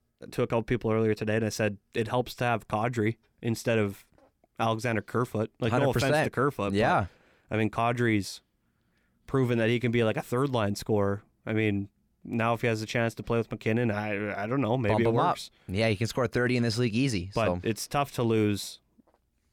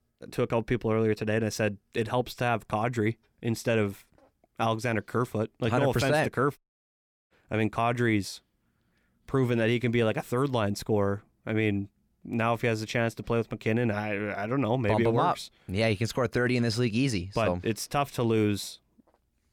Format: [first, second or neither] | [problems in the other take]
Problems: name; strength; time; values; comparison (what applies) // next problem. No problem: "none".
first | audio cutting out; at 6.5 s for 0.5 s